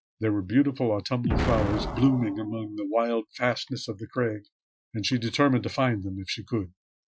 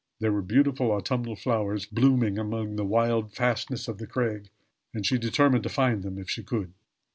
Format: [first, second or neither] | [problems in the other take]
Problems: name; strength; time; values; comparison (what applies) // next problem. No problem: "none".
second | noise reduction (classical method Wiener filter)